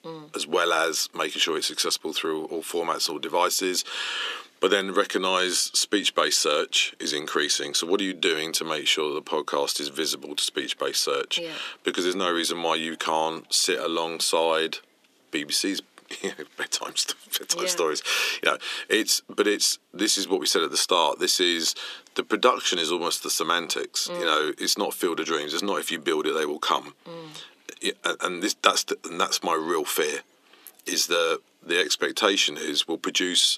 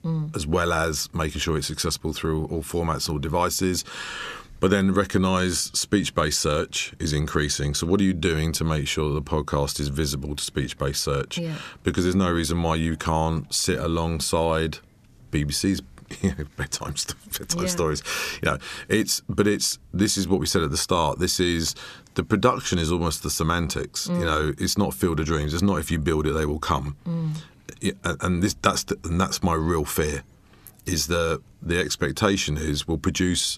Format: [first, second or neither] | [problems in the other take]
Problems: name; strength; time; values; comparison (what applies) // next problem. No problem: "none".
second | thin; somewhat; fading below 300 Hz